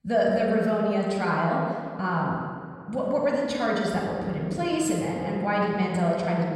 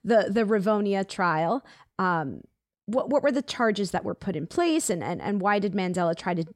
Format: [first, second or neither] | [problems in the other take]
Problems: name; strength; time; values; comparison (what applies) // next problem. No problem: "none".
second | room echo; noticeable; dies away in 2.2 s // off-mic speech; somewhat distant